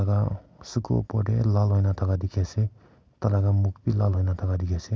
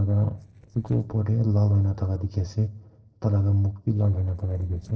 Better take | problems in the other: first | noise reduction (neural separator model SepFormer DNS4)

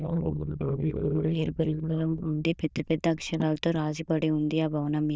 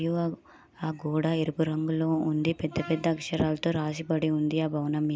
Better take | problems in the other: second | noise reduction (neural diffusion model UNIVERSE++)

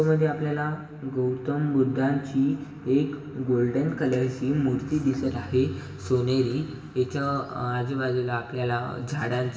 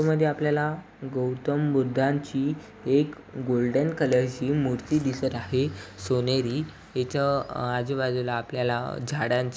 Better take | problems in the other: second | room echo; dies away in 1.2 s

